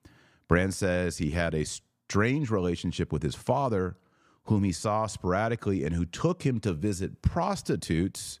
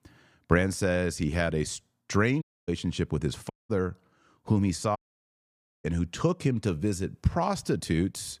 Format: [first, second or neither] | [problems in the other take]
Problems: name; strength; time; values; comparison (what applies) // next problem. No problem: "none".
first | audio cutting out; at 2.5 s, at 3.5 s and at 5 s for 1 s